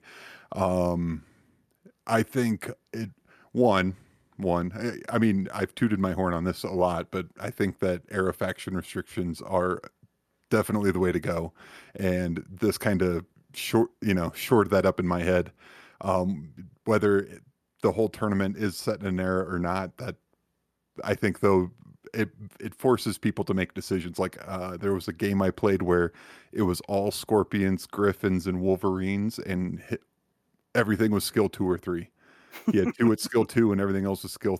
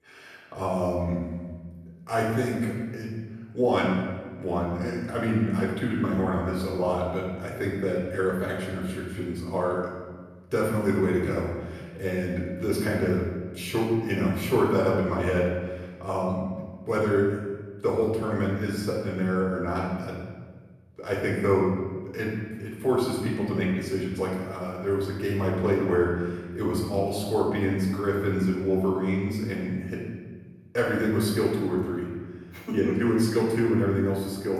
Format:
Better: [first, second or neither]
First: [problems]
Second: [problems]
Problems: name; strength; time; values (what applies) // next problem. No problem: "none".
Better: first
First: none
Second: room echo; noticeable; dies away in 1.3 s // off-mic speech; far